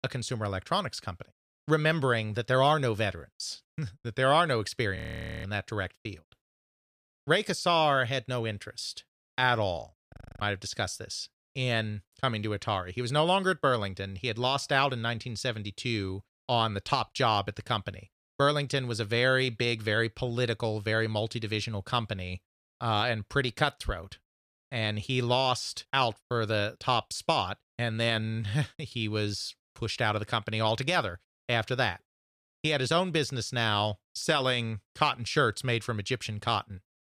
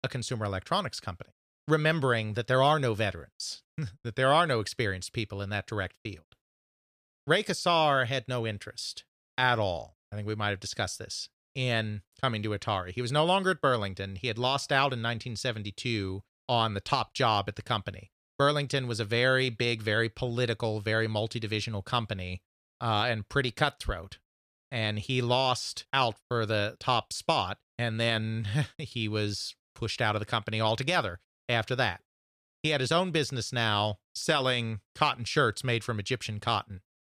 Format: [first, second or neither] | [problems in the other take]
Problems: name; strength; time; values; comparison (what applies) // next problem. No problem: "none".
second | audio freezing; at 5 s and at 10 s